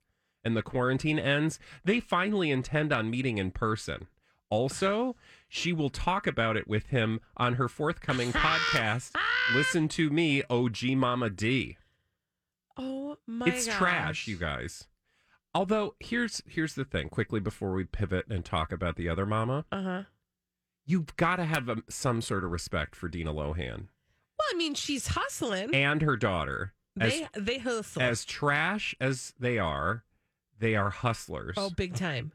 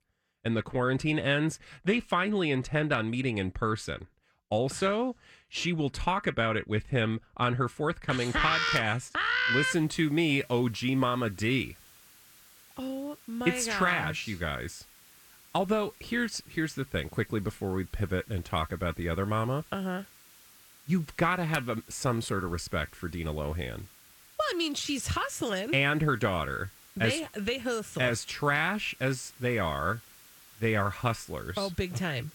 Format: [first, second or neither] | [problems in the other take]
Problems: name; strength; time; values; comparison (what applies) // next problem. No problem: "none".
first | hiss; faint; from 9.5 s on; 25 dB below the speech